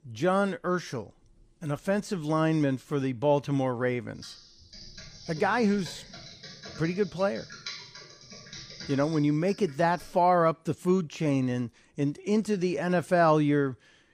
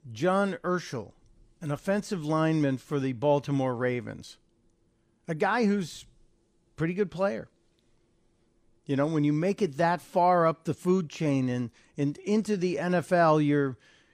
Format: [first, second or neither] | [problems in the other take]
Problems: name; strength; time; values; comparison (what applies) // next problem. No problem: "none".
second | keyboard typing; faint; from 4 to 10 s; peak 10 dB below the speech